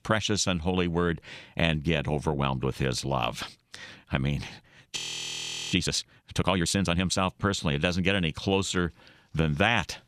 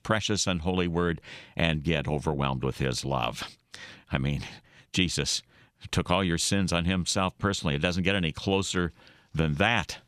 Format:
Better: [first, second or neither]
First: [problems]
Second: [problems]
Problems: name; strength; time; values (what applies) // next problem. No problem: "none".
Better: second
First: audio freezing; at 5 s for 1 s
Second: none